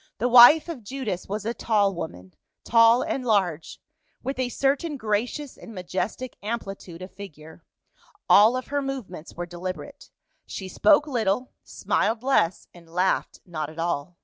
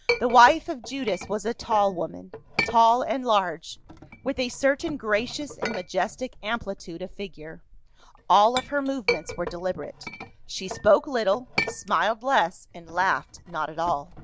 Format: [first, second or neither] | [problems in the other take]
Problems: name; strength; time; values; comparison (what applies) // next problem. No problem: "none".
first | background sound (Chink, clink); 11 dB below the speech